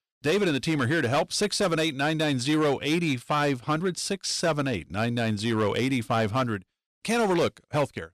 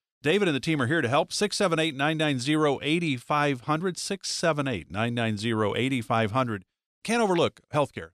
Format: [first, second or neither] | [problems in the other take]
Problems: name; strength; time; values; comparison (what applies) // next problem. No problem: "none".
second | distortion; slight; 8% of the sound clipped